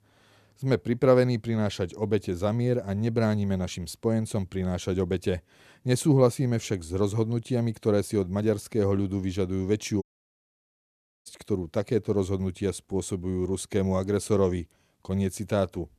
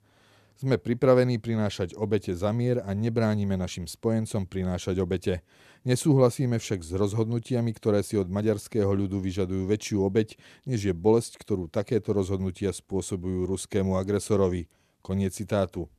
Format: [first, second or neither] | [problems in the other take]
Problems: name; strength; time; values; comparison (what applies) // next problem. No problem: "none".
second | audio cutting out; at 10 s for 1 s